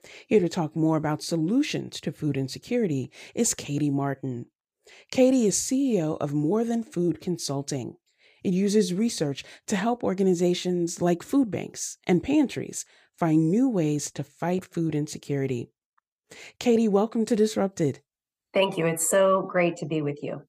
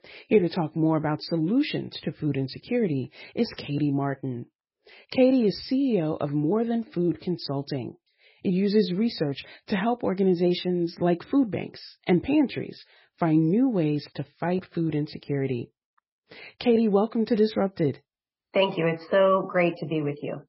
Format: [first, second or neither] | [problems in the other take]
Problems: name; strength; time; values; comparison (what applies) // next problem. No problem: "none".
first | garbled, watery; badly; nothing above 5.5 kHz